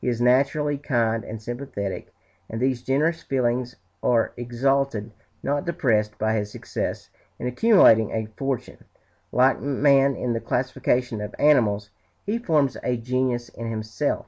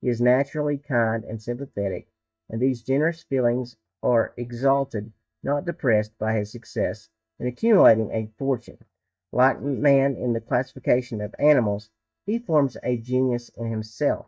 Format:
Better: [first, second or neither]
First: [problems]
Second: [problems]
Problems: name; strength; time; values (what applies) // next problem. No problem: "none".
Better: first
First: none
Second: noise reduction (neural mask model DeepFilterNet 3)